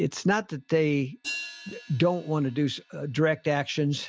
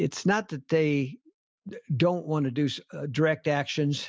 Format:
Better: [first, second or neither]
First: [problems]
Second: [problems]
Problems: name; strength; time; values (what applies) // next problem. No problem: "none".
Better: second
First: background sound (Hi-hat); 17 dB below the speech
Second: none